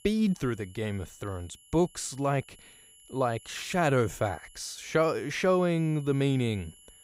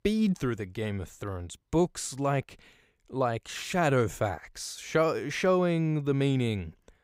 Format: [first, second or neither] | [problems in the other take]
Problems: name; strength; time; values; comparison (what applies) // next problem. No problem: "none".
second | high-pitched whine; faint; throughout; 11 kHz, 25 dB below the speech